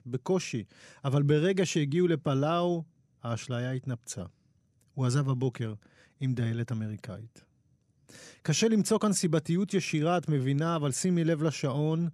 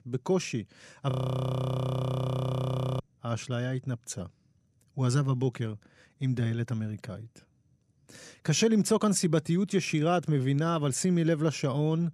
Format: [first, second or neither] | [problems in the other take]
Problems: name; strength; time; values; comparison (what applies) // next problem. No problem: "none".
first | audio freezing; at 1 s for 2 s